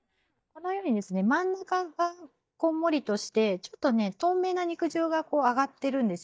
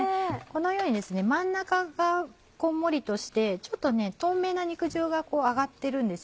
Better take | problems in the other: second | noise reduction (neural mask model DeepFilterNet 3)

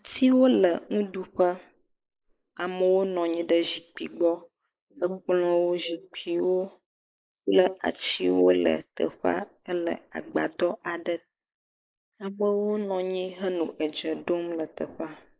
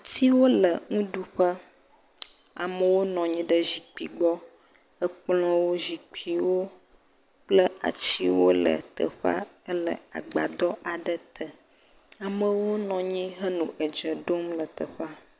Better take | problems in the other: second | noise reduction (neural mask model Resemble Enhance denoiser)

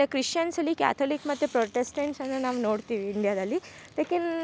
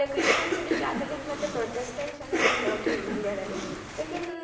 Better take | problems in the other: first | background sound (Cough); 3 dB above the speech // room echo; dies away in 1 s

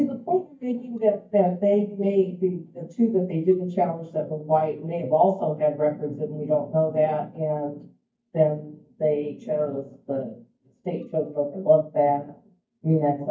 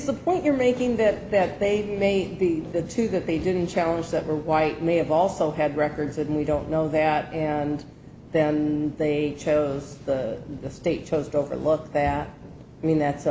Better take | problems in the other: second | noise reduction (neural mask model DeepFilterNet 3)

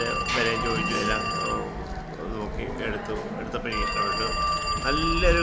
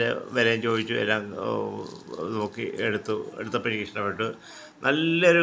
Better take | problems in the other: second | background sound (Telephone); 2 dB above the speech

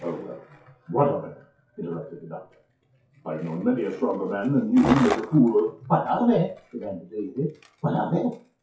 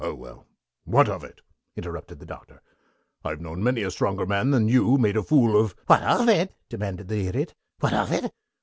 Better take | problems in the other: second | noise reduction (classical method WPE with log-MMSE)

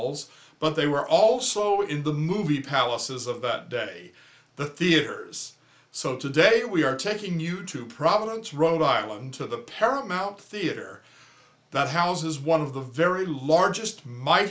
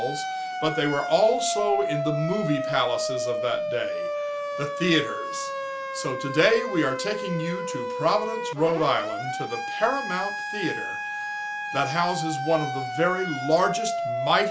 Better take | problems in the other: first | background sound (Siren); 3 dB below the speech

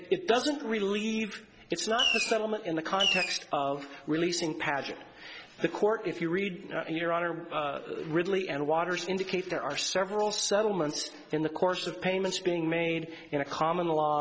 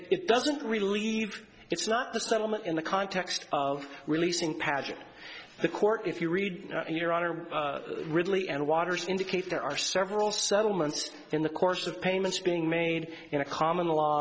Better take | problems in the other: second | background sound (Fireworks); 2 dB above the speech

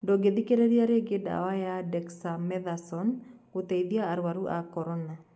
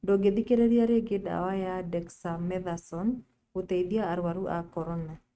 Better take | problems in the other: first | noise reduction (neural mask model RNNoise)

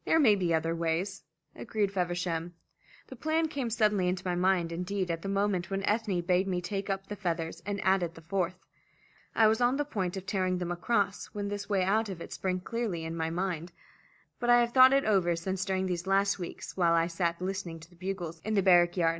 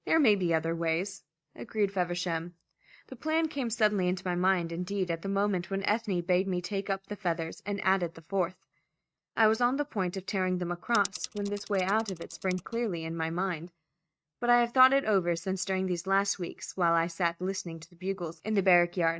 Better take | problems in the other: first | noise reduction (neural mask model RNNoise)

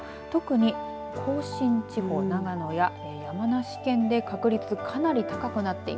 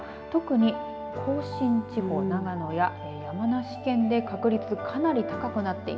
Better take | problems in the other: first | room echo; dies away in 1.3 s

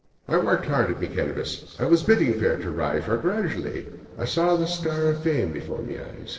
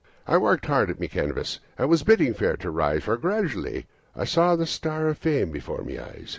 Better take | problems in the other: second | noise reduction (neural separator model SepFormer DNS4)

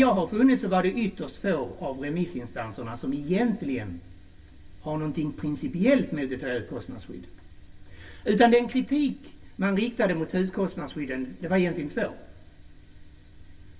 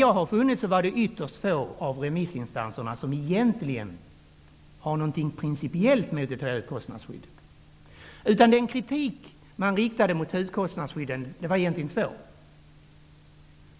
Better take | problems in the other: second | room echo; dies away in 0.1 s

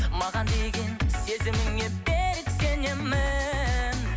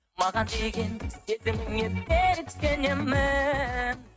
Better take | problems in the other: first | noise reduction (neural mask model RNNoise)

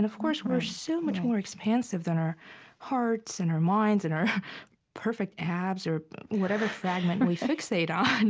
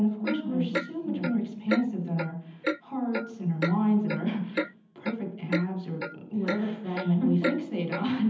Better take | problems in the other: first | background sound (Clock); 7 dB below the speech // room echo; dies away in 0.8 s

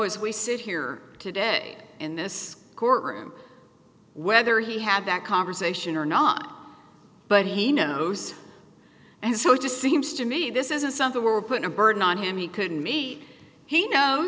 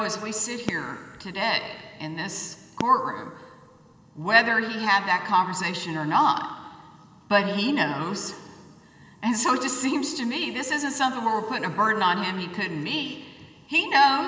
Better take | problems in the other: first | background sound (Fireworks); 15 dB below the speech // room echo; dies away in 2.2 s

